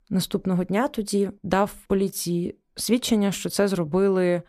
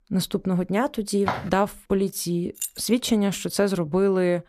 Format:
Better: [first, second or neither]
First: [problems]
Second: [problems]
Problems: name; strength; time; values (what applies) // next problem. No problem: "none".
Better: first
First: none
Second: footsteps; noticeable; at 1.5 s; peak 5 dB below the speech // jangling keys; noticeable; at 2.5 s; peak 8 dB below the speech